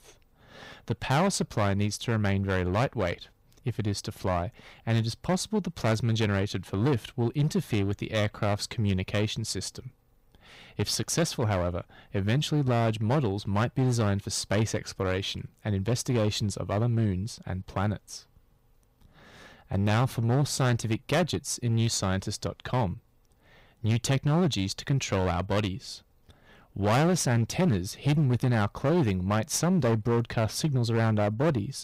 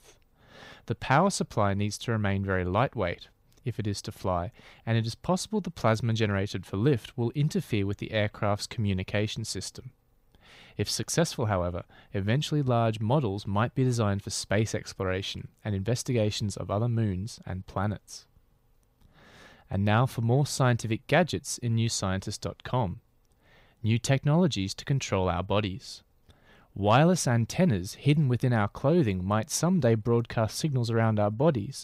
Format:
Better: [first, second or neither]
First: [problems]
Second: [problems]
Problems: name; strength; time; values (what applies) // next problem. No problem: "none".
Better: second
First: distortion; slight; 10% of the sound clipped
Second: none